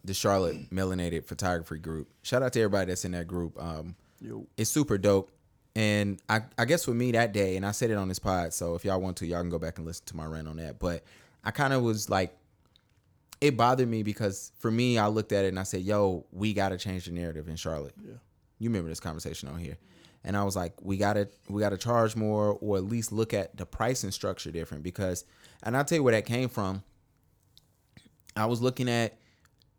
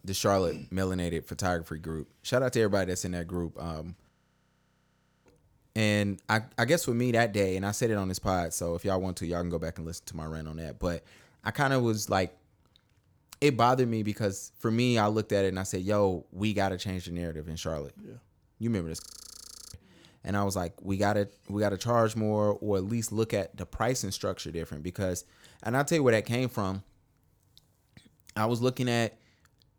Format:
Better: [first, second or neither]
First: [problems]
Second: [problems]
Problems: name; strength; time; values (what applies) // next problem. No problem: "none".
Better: first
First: none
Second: audio freezing; at 4 s for 1 s and at 19 s for 0.5 s